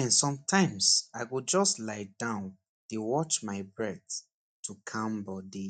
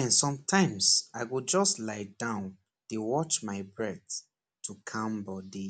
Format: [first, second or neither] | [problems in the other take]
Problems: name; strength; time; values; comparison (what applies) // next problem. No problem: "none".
second | noise reduction (neural mask model DeepFilterNet 3)